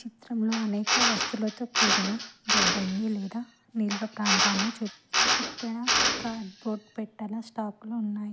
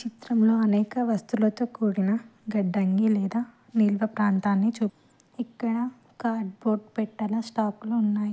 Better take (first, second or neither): second